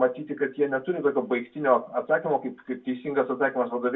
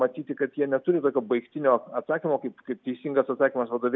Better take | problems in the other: second | room echo; dies away in 0.2 s

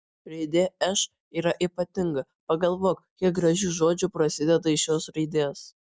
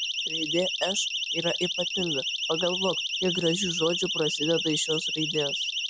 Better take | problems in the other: first | background sound (Siren); as loud as the speech

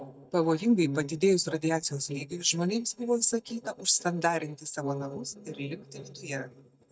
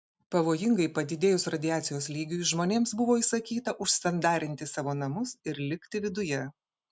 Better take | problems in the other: second | noise reduction (neural mask model DeepFilterNet 3)

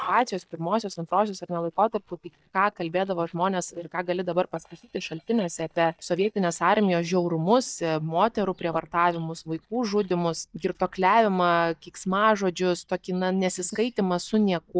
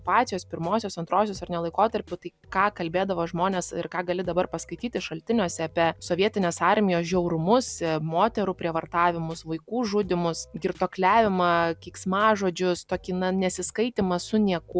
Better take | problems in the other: second | noise reduction (neural mask model DeepFilterNet 3)

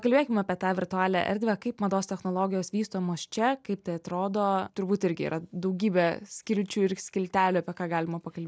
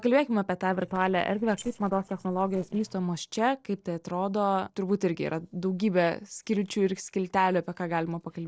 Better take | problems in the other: first | noise reduction (neural separator model SepFormer DNS4)

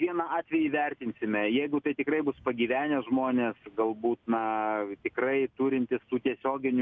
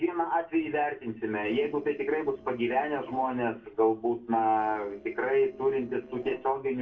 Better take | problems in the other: first | noise reduction (neural separator model SepFormer DNS4)

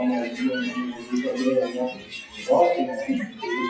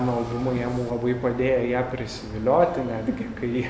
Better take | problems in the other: second | noise reduction (classical method WPE with log-MMSE)

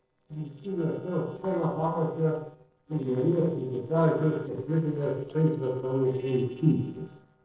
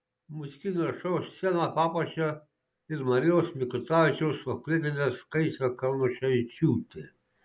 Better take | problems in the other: second | noise reduction (neural separator model SepFormer DNS4)

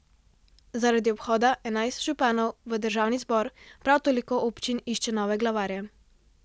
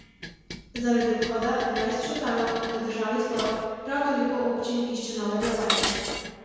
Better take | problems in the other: first | background sound (Dishes, pots, and pans); 8 dB below the speech // room echo; dies away in 1.9 s

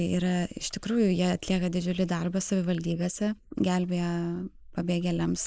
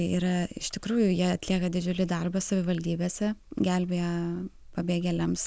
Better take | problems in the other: second | noise reduction (neural mask model Resemble Enhance denoiser)

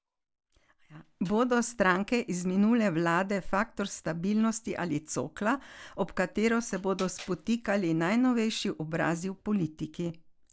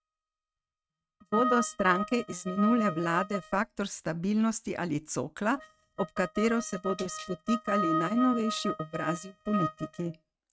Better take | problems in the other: first | noise reduction (neural mask model RNNoise)

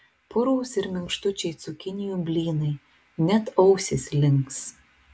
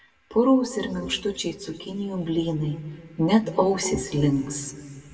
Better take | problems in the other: first | room echo; dies away in 1.6 s

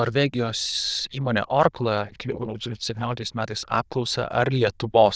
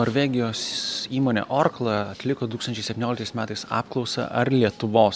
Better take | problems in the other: second | noise reduction (neural diffusion model UNIVERSE++)

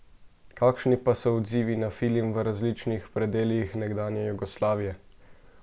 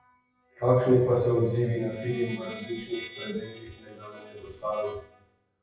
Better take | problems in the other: first | noise reduction (classical method WPE with log-MMSE)

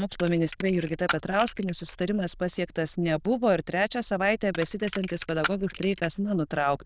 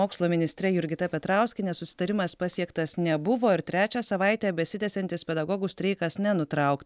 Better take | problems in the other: second | noise reduction (neural diffusion model UNIVERSE++)

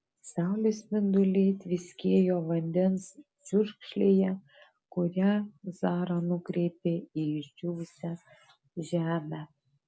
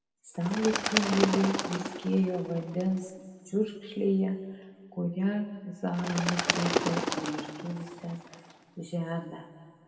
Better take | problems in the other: first | background sound (Bird); 3 dB below the speech // room echo; dies away in 1.5 s

